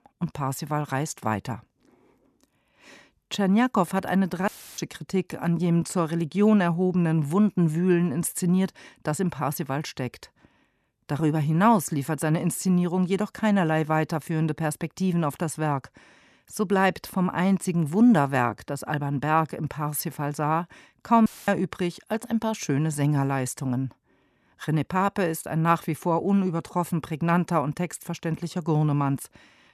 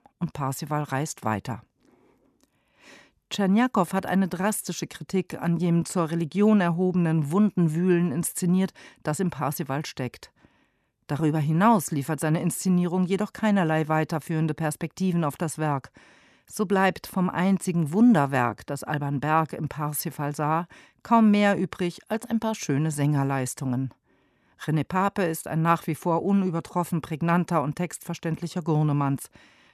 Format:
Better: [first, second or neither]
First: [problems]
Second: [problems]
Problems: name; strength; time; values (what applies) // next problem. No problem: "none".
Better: second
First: audio cutting out; filled with static; at 4.5 s and at 21 s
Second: none